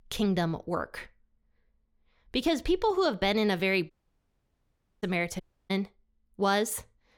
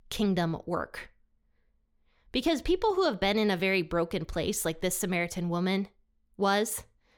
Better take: second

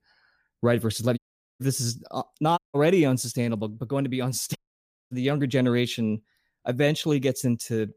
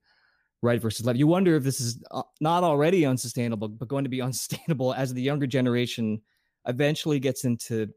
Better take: second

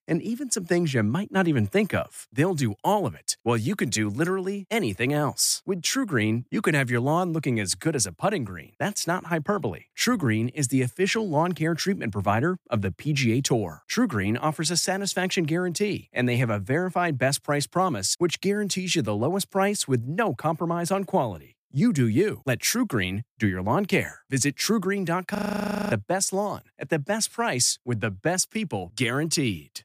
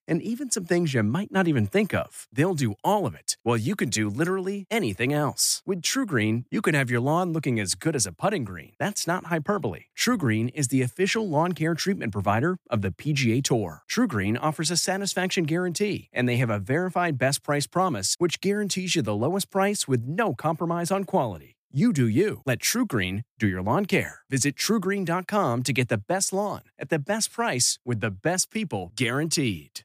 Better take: second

